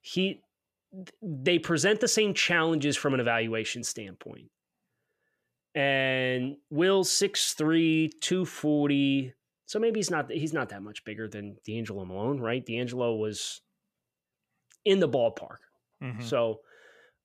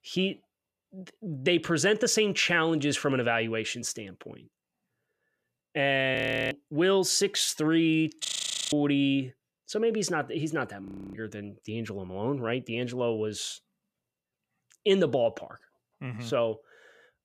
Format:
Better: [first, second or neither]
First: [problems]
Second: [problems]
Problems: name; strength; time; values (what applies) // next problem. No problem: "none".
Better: first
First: none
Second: audio freezing; at 6 s, at 8.5 s and at 11 s